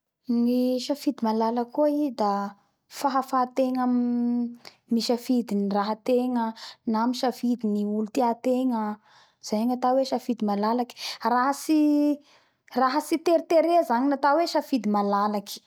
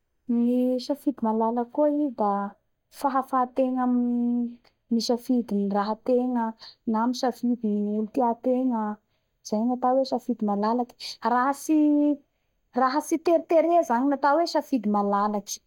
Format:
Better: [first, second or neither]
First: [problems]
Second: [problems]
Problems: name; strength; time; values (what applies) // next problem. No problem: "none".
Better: first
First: none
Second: noise reduction (neural mask model DeepFilterNet 3)